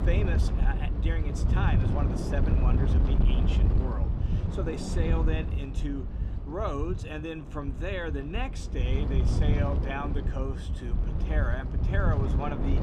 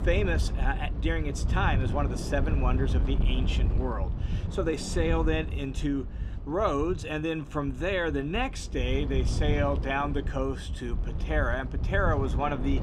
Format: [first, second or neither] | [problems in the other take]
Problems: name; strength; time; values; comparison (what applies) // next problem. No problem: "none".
second | wind noise on the microphone; heavy; 4 dB below the speech; occasional gusts in the second